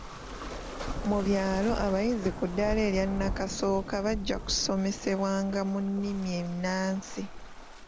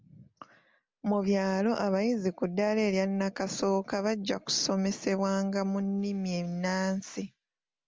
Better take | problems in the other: second | background sound (Thunder / Rain + Waves, surf); 8 dB below the speech

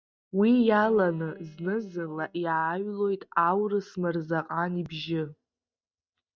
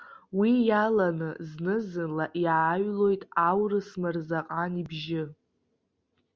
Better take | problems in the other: second | noise reduction (neural mask model DeepFilterNet 3)

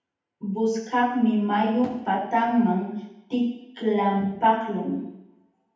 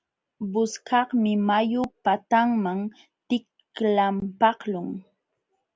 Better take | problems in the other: second | room echo; dies away in 0.9 s

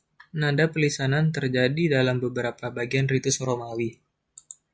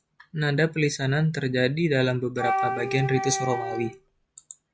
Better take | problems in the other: first | background sound (Wind instrument, woodwind instrument); 4 dB below the speech

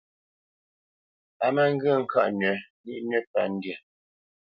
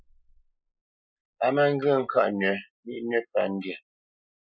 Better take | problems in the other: first | noise reduction (neural mask model Resemble Enhance denoiser)

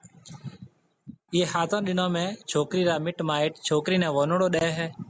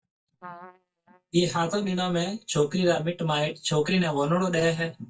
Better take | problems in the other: first | noise reduction (neural mask model DeepFilterNet 3)

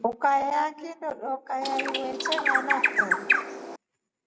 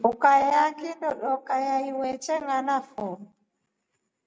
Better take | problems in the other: second | background sound (Bird); 4 dB above the speech

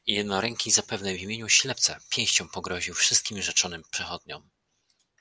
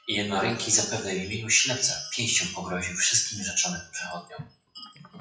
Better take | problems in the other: first | noise reduction (classical method WPE with log-MMSE)

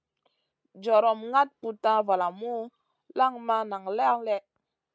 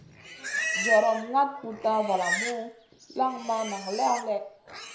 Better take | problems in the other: first | background sound (Livestock, farm animals, working animals); 6 dB below the speech // room echo; dies away in 0.5 s

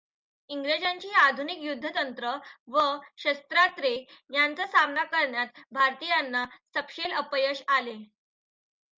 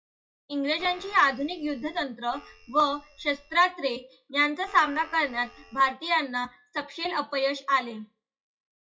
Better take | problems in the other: first | noise reduction (classical method WPE with log-MMSE)

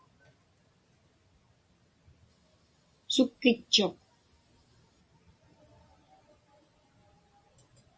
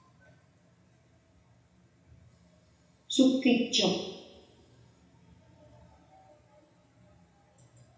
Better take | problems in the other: first | room echo; dies away in 0.9 s

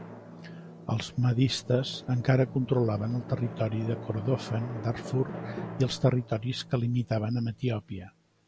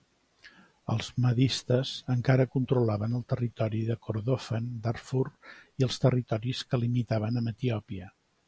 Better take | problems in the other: second | background sound (Drum); 13 dB below the speech

